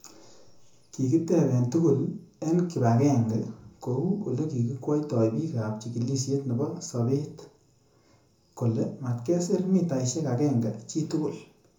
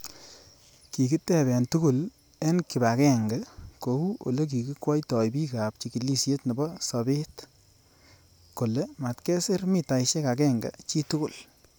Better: second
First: room echo; dies away in 0.6 s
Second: none

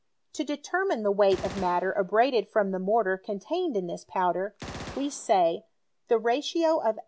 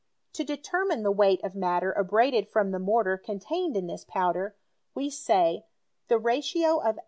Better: second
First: background sound (Gunshot, gunfire); 19 dB below the speech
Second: none

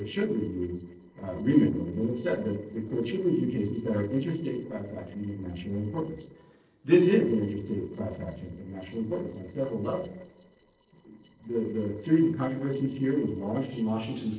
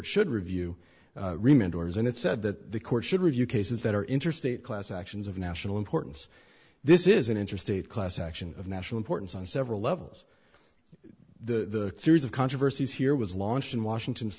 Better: second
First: noise reduction (neural separator model SepFormer DNS4)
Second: none

